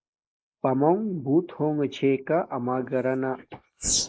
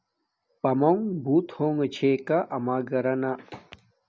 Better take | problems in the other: second | noise reduction (neural mask model Resemble Enhance denoiser)

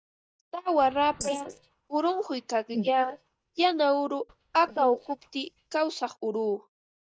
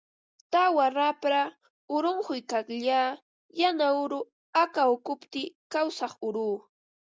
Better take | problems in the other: second | noise reduction (neural mask model DeepFilterNet 3)

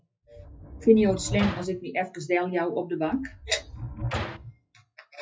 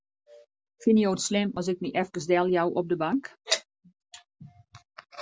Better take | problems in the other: second | noise reduction (classical method WPE with log-MMSE)

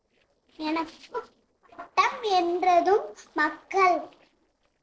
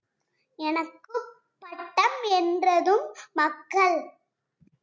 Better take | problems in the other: second | noise reduction (neural separator model SepFormer DNS4)

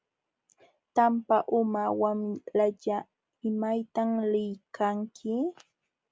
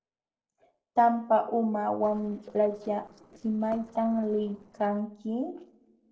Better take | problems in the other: first | noise reduction (neural separator model SepFormer DNS4)

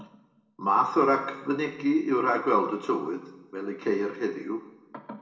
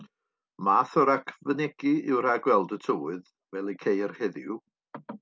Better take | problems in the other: second | room echo; dies away in 0.9 s

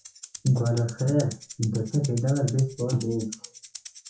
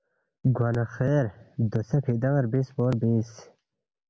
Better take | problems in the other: second | noise reduction (classical method WPE with log-MMSE)

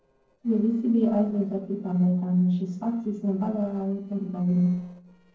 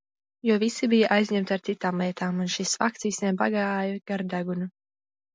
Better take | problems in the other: second | noise reduction (neural separator model SepFormer DNS4)

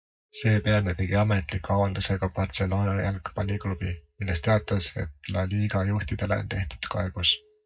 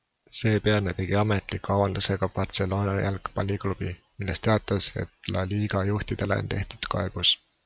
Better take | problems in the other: second | noise reduction (neural mask model DeepFilterNet 3)

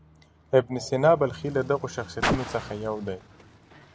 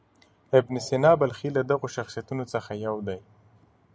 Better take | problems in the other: second | background sound (Car); 9 dB below the speech

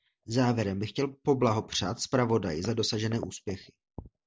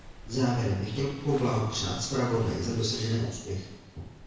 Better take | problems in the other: first | background sound (Waves, surf); 17 dB below the speech // room echo; dies away in 1.1 s

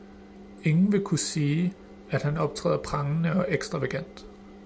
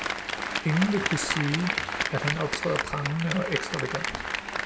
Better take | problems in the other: first | background sound (Applause); 1 dB below the speech

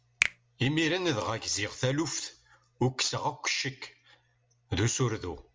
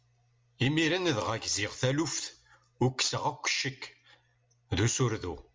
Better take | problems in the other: second | background sound (Finger snapping); 6 dB below the speech

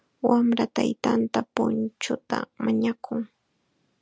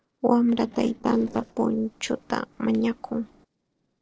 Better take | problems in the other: first | noise reduction (neural separator model SepFormer DNS4)

